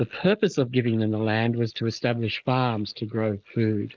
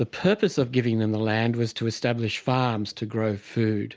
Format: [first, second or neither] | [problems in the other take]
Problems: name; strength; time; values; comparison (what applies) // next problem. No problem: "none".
second | noise reduction (neural mask model Resemble Enhance denoiser)